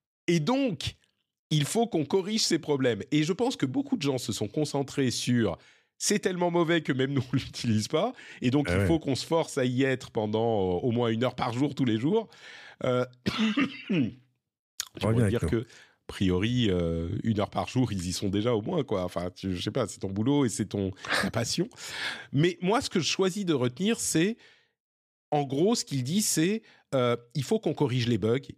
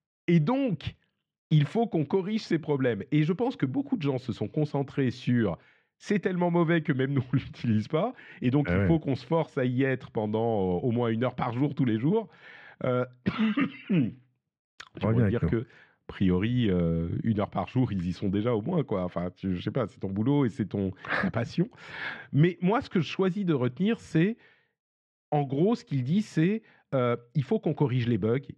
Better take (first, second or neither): first